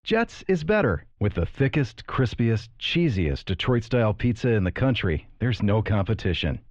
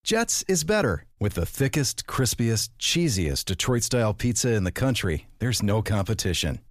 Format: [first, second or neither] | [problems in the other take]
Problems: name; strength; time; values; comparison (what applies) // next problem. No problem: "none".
second | muffled; very; fading above 3 kHz